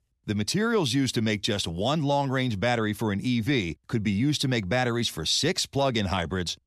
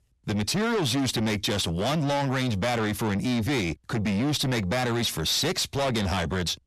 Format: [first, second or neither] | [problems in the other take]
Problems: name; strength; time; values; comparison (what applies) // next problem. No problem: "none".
first | distortion; heavy; 8 dB below the speech